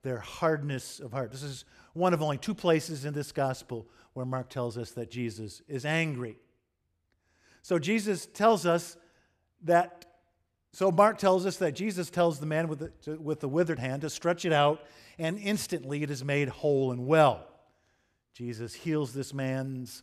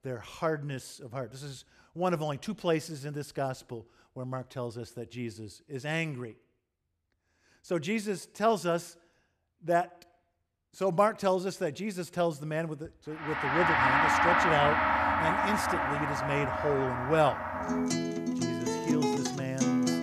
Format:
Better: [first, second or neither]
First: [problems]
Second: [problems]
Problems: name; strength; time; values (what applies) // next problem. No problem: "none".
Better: first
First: none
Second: background music; very loud; from 14 s on; 4 dB above the speech